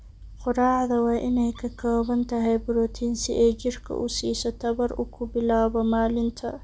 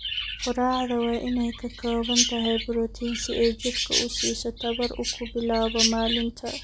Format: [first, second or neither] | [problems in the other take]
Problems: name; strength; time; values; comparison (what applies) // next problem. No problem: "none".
first | background sound (Chirp, tweet); 4 dB below the speech